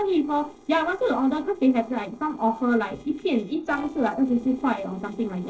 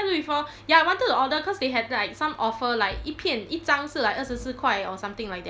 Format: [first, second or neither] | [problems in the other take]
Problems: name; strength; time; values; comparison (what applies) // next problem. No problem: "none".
second | noise reduction (neural separator model SepFormer DNS4)